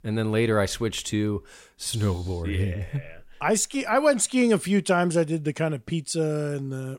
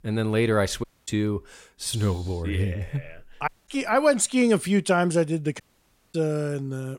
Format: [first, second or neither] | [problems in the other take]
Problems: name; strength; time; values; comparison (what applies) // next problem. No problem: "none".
first | audio cutting out; at 1 s, at 3.5 s and at 5.5 s for 0.5 s